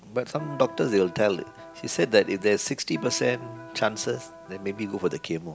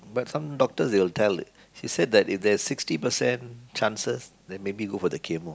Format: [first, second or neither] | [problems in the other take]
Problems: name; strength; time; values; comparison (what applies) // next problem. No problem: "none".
second | background sound (Electric guitar); 16 dB below the speech